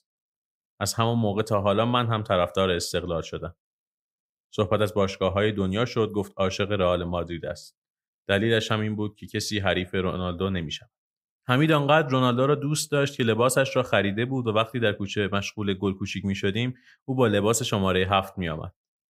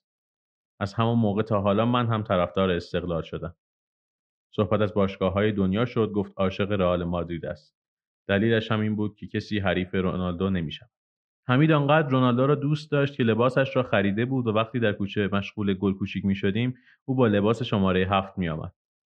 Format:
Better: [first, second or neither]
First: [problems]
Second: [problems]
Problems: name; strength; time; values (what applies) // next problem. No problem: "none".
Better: first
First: none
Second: muffled; slightly; fading above 3 kHz